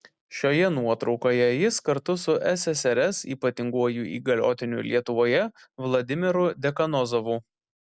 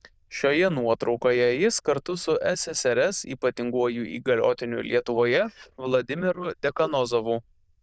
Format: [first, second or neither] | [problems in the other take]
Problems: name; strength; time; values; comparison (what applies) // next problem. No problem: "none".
first | noise reduction (neural diffusion model UNIVERSE++)